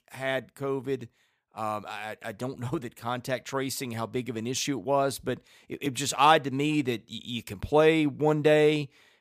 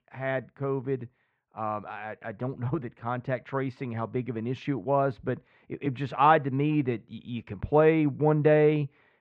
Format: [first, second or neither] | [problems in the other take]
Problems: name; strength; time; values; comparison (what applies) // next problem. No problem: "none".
first | muffled; very; fading above 2 kHz